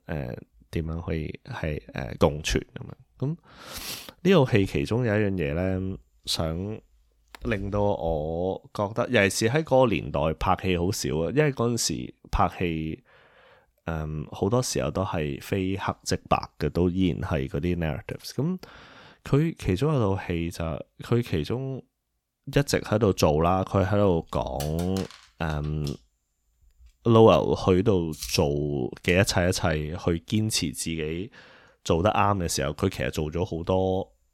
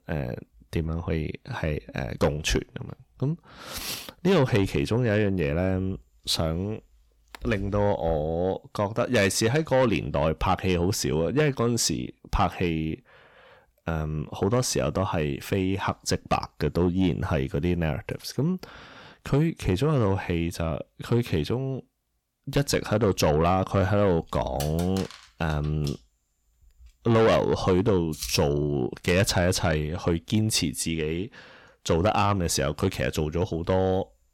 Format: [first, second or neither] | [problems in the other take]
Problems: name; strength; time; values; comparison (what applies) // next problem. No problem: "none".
first | distortion; slight; 10 dB below the speech